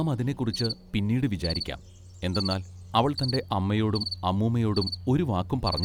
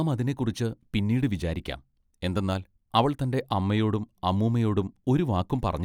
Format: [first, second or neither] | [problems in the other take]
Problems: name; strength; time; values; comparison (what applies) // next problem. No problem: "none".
second | background sound (Cricket); 10 dB below the speech